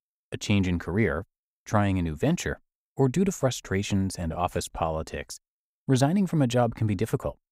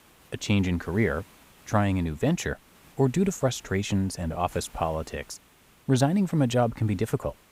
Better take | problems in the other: first | hiss; faint; throughout; 30 dB below the speech

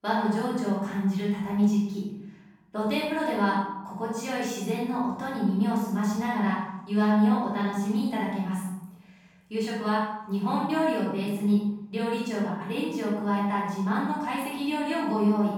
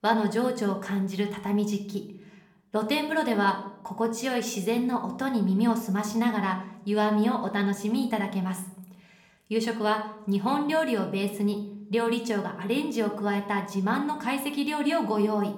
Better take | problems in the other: second | room echo; strong; dies away in 1.1 s; slight in the second // off-mic speech; far

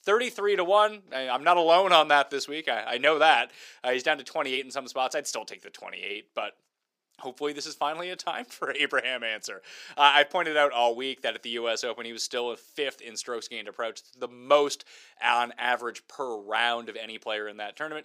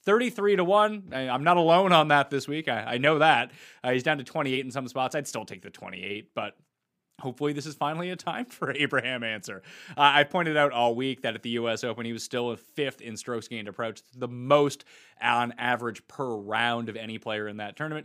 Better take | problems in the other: second | thin; somewhat; fading below 450 Hz

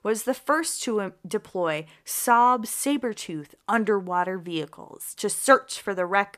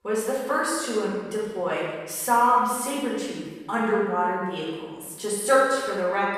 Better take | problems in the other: first | off-mic speech; far // room echo; strong; dies away in 1.2 s

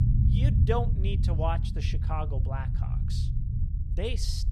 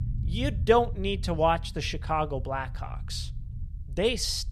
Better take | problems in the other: second | low rumble; loud; throughout; 7 dB below the speech; faint in the second

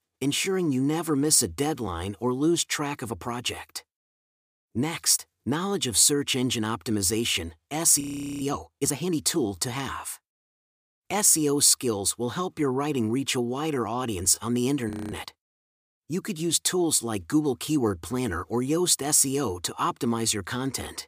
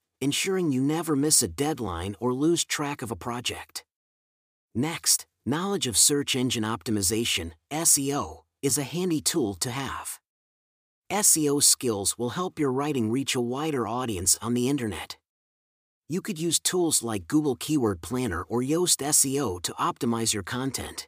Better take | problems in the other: second | audio freezing; at 8 s and at 15 s

